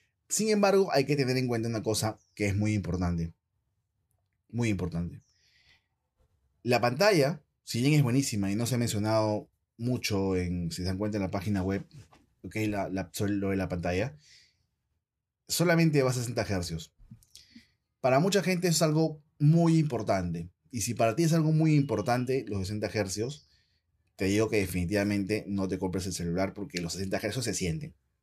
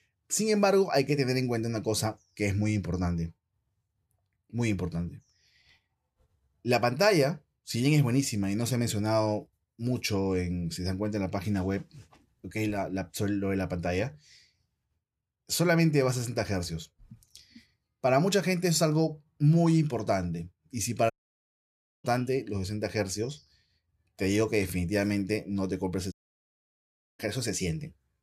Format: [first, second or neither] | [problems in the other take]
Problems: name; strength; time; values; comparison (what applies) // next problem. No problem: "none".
first | audio cutting out; at 21 s for 1 s and at 26 s for 1 s